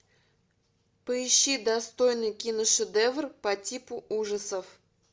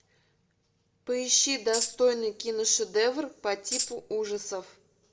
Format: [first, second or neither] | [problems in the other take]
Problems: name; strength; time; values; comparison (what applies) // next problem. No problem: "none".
first | background sound (Tambourine); 4 dB below the speech // room echo; dies away in 0.3 s